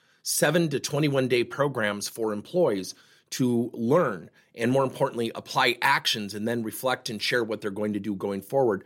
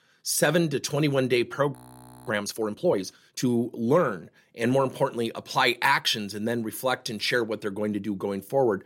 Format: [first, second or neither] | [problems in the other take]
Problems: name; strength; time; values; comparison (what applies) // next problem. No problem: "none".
first | audio freezing; at 2 s for 0.5 s